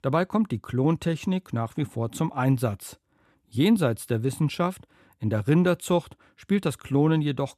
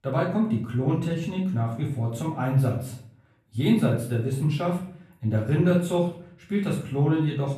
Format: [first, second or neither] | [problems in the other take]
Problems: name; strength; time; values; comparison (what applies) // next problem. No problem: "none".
first | off-mic speech; far // room echo; slight; dies away in 0.5 s